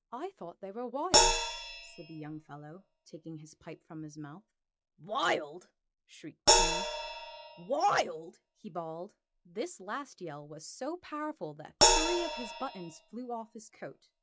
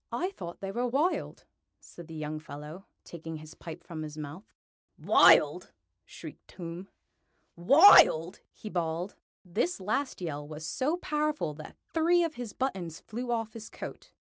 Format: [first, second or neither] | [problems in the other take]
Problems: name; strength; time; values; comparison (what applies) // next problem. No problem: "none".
second | noise reduction (classical method log-MMSE)